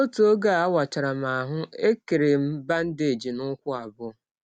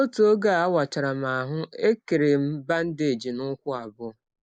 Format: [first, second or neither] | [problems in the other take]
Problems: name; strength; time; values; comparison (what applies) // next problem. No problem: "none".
first | noise reduction (neural mask model Resemble Enhance denoiser)